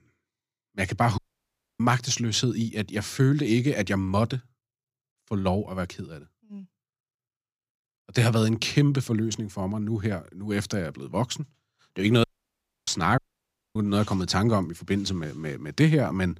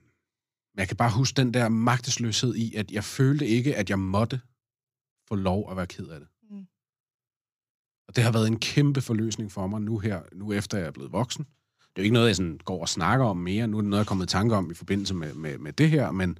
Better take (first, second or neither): second